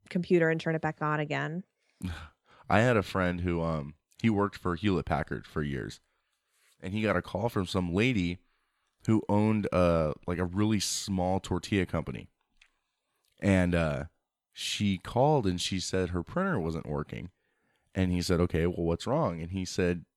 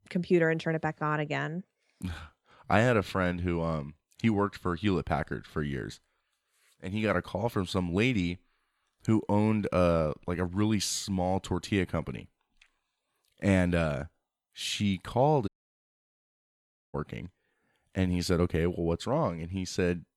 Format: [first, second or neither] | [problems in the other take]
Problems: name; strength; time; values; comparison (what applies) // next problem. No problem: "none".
first | audio cutting out; at 15 s for 1.5 s